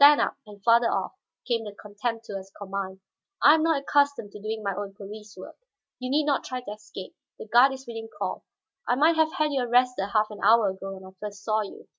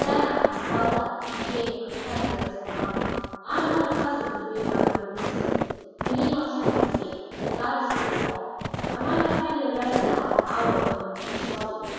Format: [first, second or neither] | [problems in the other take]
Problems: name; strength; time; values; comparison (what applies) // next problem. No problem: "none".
first | background sound (Walk, footsteps); 1 dB above the speech // room echo; dies away in 2 s